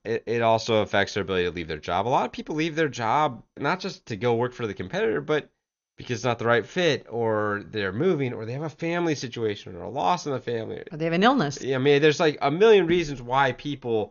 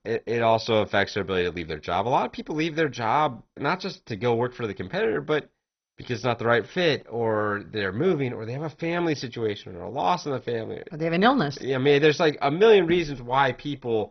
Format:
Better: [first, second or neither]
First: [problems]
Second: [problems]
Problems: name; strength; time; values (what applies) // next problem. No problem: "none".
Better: first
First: garbled, watery; slightly; nothing above 6.5 kHz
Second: garbled, watery; badly; nothing above 6 kHz